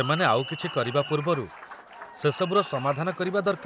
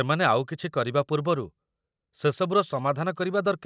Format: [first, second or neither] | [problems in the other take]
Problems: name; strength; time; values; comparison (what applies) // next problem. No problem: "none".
second | background sound (Applause); 13 dB below the speech